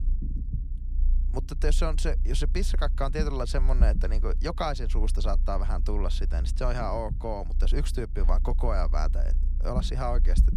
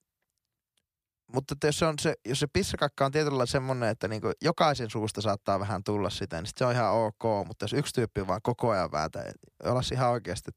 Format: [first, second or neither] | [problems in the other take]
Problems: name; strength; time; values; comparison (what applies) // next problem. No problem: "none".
second | low rumble; noticeable; throughout; 15 dB below the speech